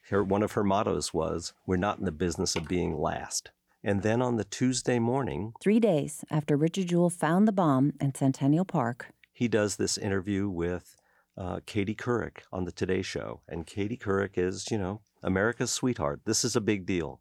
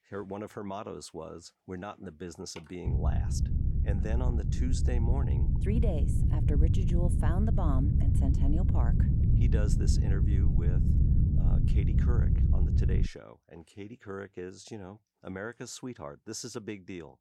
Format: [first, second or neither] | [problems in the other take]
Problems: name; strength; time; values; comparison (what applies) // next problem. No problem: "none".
first | low rumble; loud; from 3 to 13 s; as loud as the speech